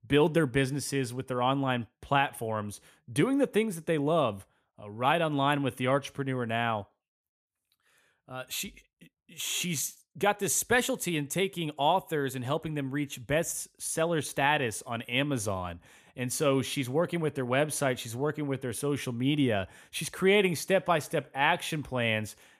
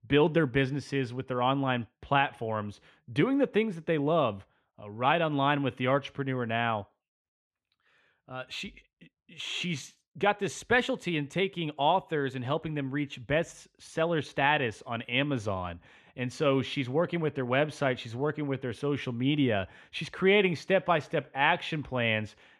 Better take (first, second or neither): first